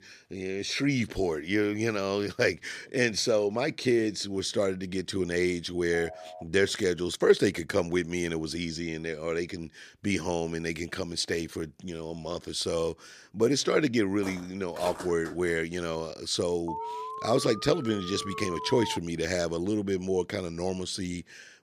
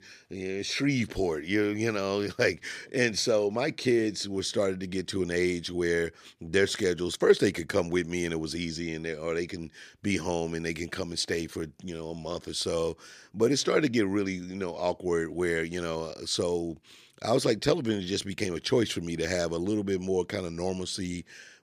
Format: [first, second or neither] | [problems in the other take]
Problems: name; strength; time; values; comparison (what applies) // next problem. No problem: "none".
second | phone ringing; faint; at 6 s; peak 15 dB below the speech // footsteps; noticeable; from 14 to 15 s; peak 10 dB below the speech // alarm; noticeable; from 17 to 19 s; peak 7 dB below the speech